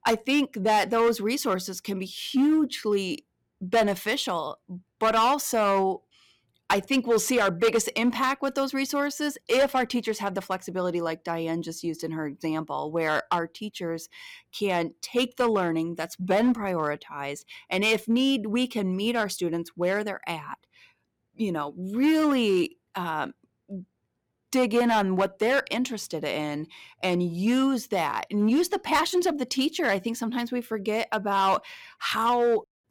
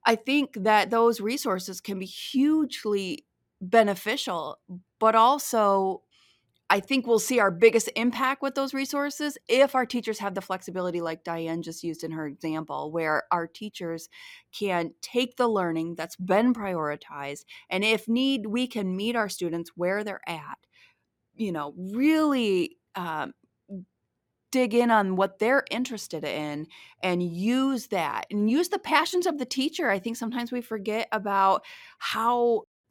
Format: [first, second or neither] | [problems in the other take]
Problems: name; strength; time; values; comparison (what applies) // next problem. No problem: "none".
second | distortion; slight; 4% of the sound clipped